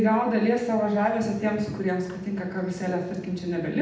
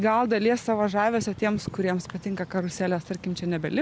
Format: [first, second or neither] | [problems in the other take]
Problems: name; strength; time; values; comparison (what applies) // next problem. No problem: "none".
second | room echo; dies away in 0.8 s